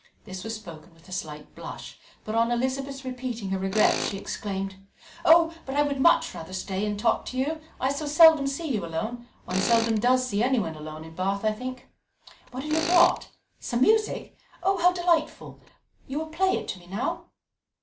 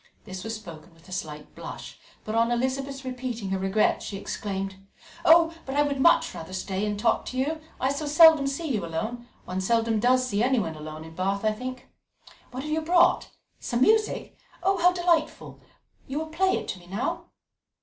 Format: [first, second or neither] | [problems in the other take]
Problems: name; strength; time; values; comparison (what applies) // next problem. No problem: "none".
second | background sound (Tools); 11 dB below the speech